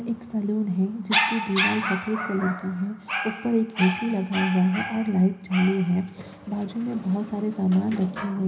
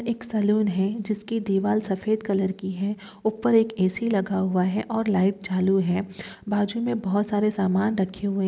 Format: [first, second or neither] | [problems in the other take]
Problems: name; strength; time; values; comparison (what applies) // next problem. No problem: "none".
second | background sound (Dog); 7 dB below the speech // room echo; dies away in 0.4 s